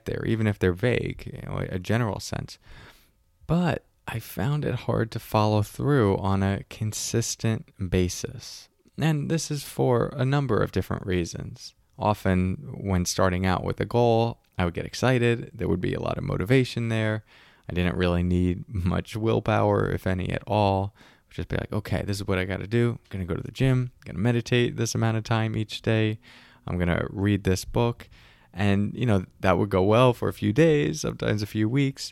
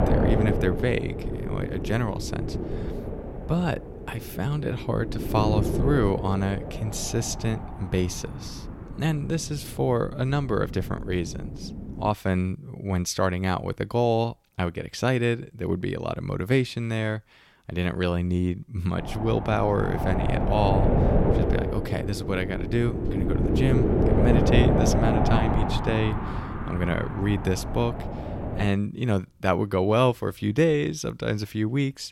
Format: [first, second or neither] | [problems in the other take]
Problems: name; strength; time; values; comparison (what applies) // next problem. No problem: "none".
first | wind noise on the microphone; heavy; until 12 s and from 19 to 29 s; 2 dB below the speech